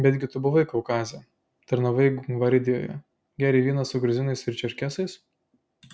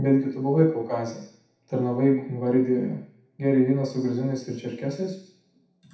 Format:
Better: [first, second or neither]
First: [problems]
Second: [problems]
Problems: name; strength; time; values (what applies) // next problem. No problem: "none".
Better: first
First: none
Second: room echo; dies away in 0.7 s